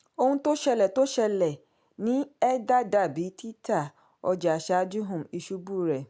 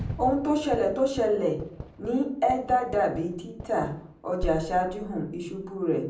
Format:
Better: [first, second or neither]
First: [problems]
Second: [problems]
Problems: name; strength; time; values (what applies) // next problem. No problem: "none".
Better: first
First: none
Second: background sound (Fireworks); 13 dB below the speech // room echo; dies away in 0.6 s